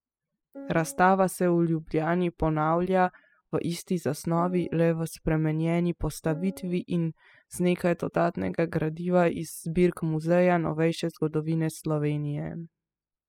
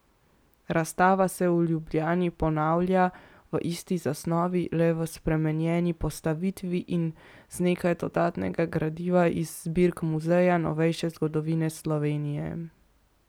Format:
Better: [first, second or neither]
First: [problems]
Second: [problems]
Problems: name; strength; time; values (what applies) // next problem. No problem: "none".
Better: second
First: noise reduction (classical method spectral subtraction)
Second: none